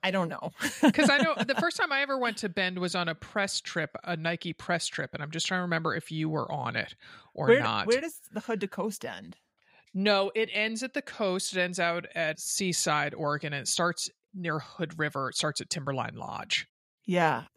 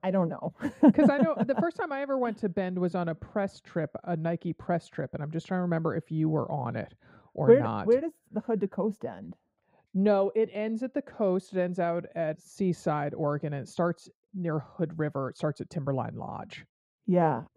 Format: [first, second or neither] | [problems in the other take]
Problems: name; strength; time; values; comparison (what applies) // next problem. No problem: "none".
first | muffled; very; fading above 1.5 kHz